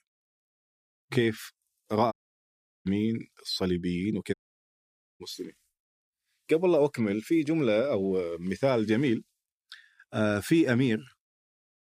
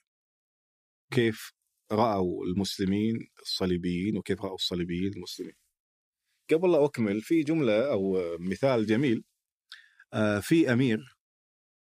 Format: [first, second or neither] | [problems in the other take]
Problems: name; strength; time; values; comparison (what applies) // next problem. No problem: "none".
second | audio cutting out; at 2 s for 0.5 s and at 4.5 s for 1 s